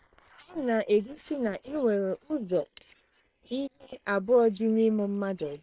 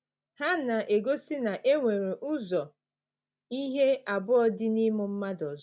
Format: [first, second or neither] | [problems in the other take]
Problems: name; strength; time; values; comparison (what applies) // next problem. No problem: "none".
second | noise reduction (neural separator model SepFormer WHAM!)